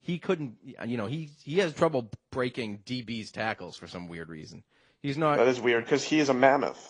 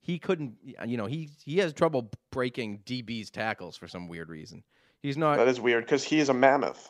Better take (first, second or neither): second